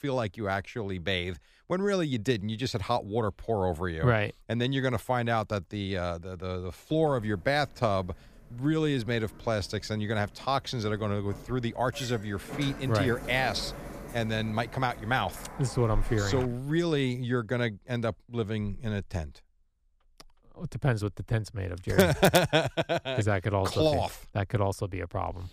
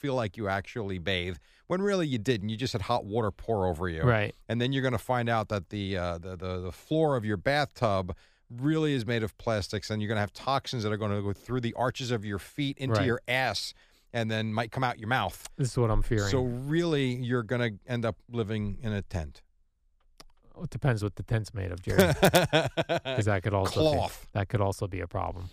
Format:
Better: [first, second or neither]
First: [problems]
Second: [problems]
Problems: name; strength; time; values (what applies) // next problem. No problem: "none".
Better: second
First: door banging; noticeable; from 7 to 16 s; peak 9 dB below the speech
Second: none